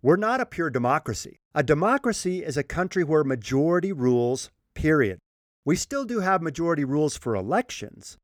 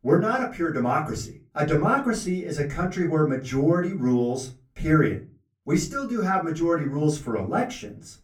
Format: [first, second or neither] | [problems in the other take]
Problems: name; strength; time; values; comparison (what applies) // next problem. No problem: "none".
first | off-mic speech; far // room echo; very slight; dies away in 0.3 s